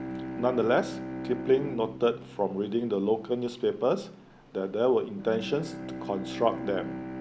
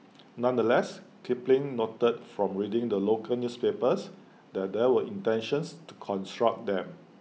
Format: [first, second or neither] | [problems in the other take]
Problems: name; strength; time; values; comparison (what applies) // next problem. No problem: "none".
second | background sound (Bowed string instrument); 10 dB below the speech